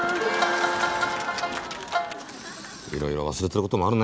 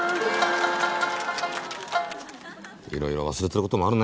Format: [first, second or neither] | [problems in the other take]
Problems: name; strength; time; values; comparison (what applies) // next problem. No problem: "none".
second | background sound (Engine / Drill + Thunder); 18 dB below the speech